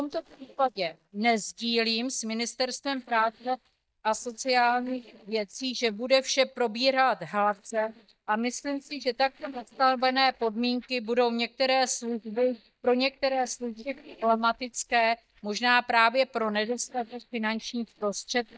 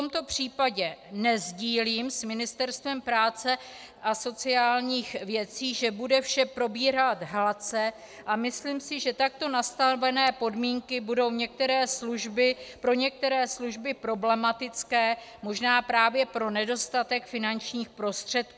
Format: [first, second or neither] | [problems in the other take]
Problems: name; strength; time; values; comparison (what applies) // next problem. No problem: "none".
second | noise reduction (neural mask model DeepFilterNet 3)